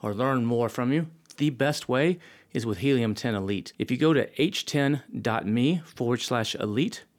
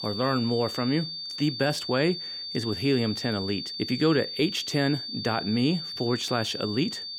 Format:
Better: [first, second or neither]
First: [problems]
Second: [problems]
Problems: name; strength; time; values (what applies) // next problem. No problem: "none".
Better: first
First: none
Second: high-pitched whine; loud; throughout; 4.5 kHz, 6 dB below the speech